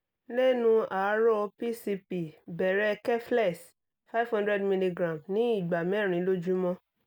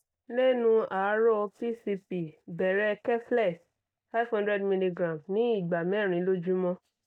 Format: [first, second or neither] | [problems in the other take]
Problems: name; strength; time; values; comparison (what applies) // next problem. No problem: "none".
first | noise reduction (neural mask model DeepFilterNet 3)